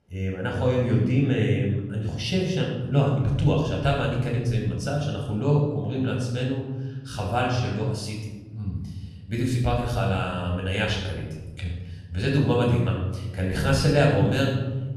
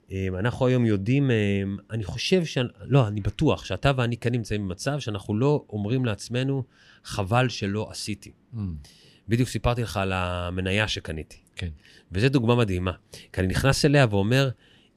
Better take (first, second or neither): second